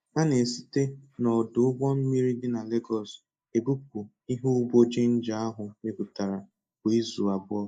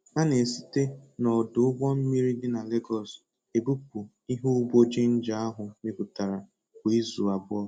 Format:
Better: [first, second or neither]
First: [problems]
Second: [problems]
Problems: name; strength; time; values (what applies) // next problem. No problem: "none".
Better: second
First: noise reduction (neural mask model Resemble Enhance denoiser)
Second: none